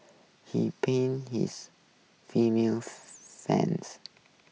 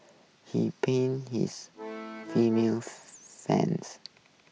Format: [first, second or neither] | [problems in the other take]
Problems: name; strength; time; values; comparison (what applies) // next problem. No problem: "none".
first | background sound (Accordion); 10 dB below the speech